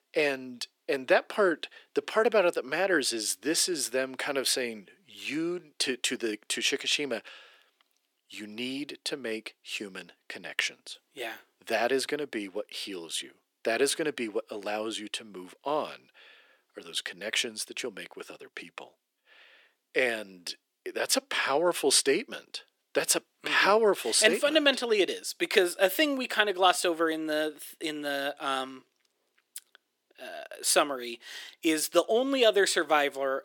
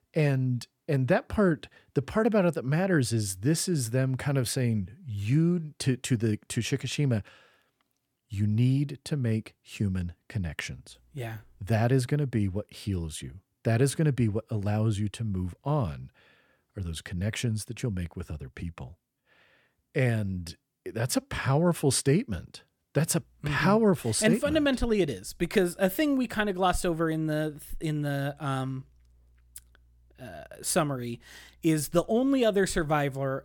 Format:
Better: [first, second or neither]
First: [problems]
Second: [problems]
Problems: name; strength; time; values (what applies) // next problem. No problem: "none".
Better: second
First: thin; very; fading below 350 Hz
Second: none